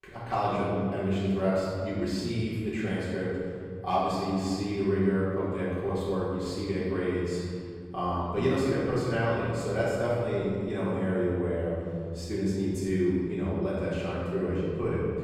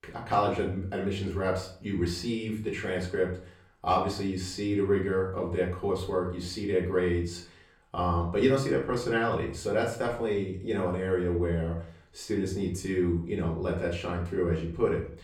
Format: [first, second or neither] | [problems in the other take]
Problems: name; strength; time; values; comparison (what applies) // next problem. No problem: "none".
second | room echo; strong; dies away in 2.3 s; slight in the second // off-mic speech; far; far in the second